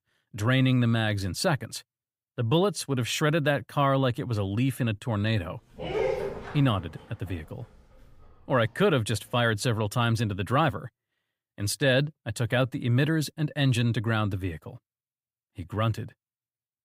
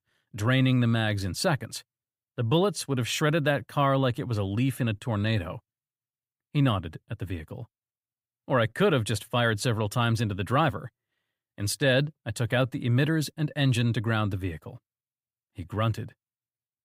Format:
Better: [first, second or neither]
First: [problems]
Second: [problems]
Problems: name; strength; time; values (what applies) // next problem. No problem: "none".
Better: second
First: dog barking; noticeable; at 6 s; peak 2 dB below the speech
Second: none